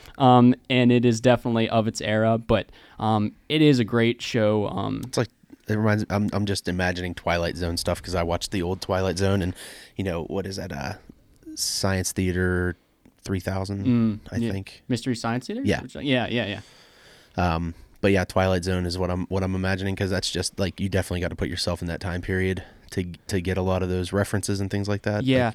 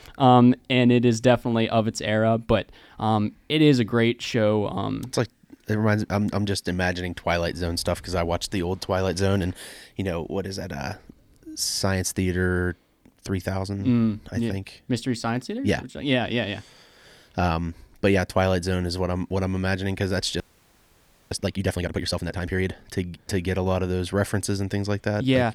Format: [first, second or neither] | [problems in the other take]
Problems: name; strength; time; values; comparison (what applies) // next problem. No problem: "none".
first | audio freezing; at 20 s for 1 s